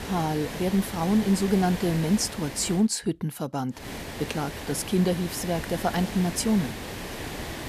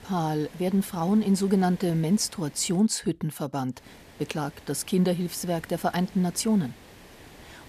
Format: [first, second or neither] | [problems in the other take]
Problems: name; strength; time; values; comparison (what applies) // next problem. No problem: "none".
second | hiss; loud; until 3 s and from 4 s on; 9 dB below the speech; faint in the second